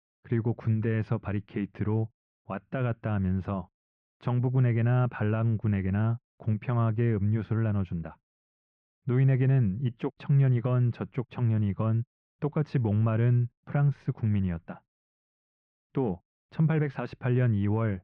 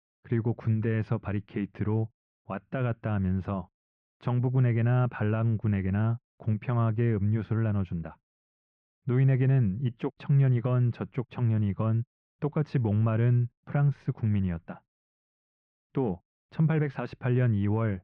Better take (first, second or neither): neither